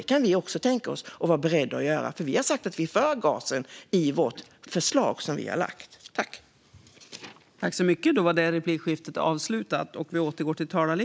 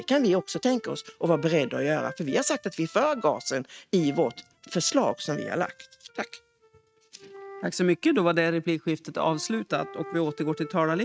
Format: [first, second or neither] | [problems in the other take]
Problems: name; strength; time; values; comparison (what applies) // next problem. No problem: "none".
first | noise reduction (neural mask model RNNoise)